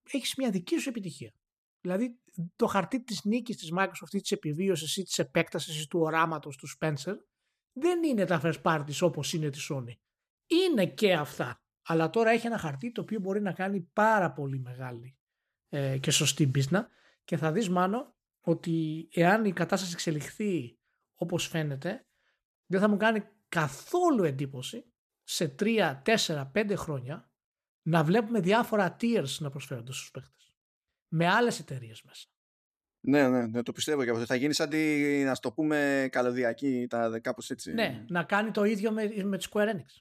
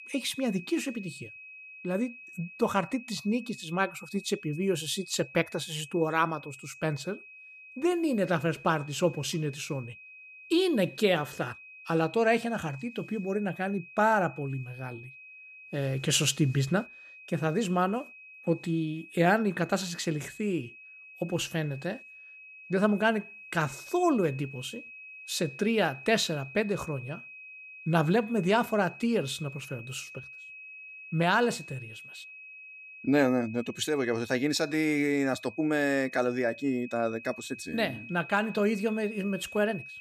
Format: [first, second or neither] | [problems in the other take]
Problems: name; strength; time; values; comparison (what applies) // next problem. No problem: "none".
first | high-pitched whine; noticeable; throughout; 2.5 kHz, 15 dB below the speech